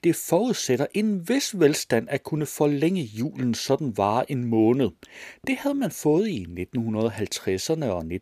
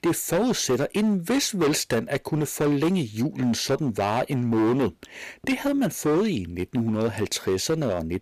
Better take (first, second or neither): first